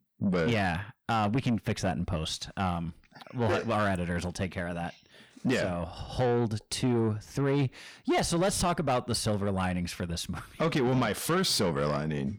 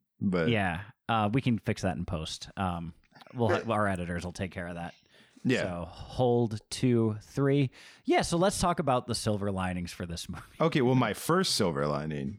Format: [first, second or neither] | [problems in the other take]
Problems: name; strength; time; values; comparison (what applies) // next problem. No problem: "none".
second | distortion; slight; 10 dB below the speech